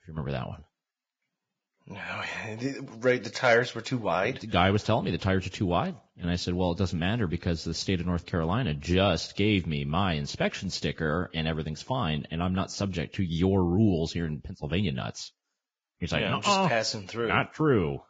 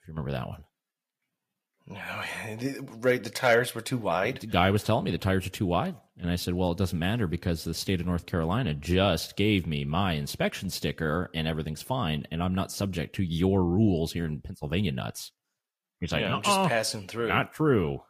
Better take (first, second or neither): second